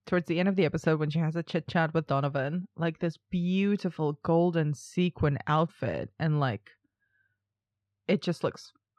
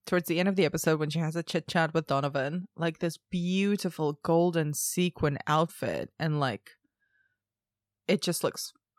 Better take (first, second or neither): second